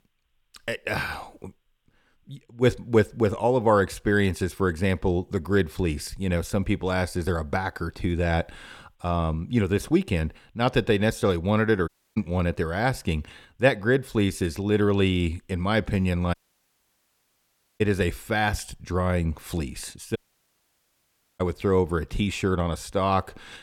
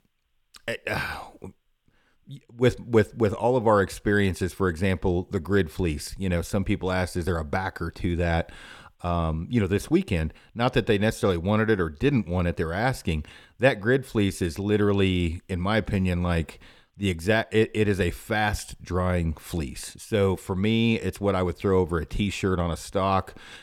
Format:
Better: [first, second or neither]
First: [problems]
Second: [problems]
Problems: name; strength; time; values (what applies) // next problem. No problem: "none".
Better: second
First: audio cutting out; at 12 s, at 16 s for 1.5 s and at 20 s for 1 s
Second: none